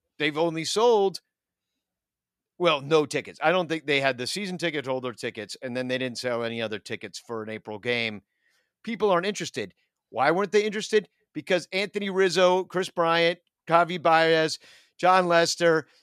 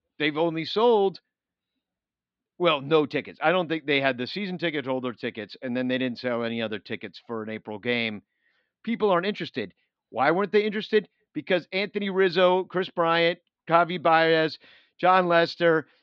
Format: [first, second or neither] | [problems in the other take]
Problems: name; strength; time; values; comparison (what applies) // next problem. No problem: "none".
first | muffled; very slightly; fading above 4 kHz